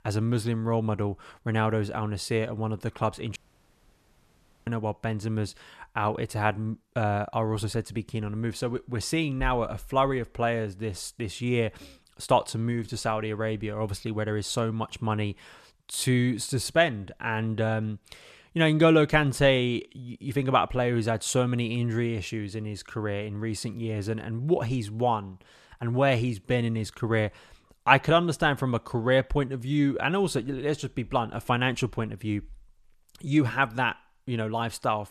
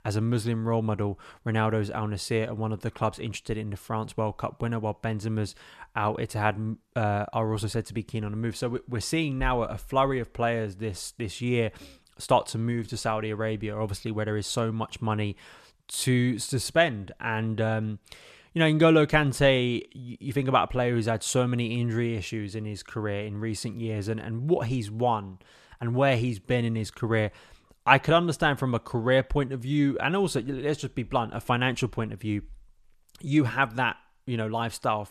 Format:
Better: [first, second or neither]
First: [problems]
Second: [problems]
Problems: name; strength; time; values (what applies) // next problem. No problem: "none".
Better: second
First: audio cutting out; at 3.5 s for 1.5 s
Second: none